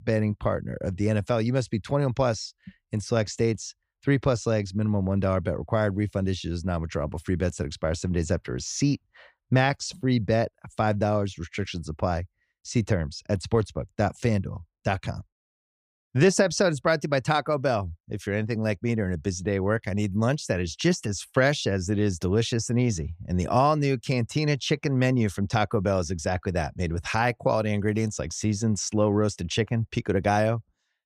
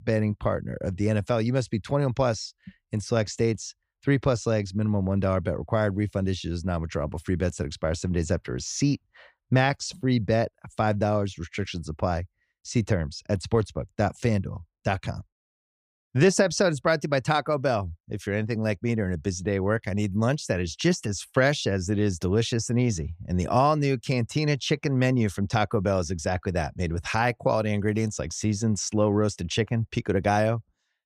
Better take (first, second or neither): neither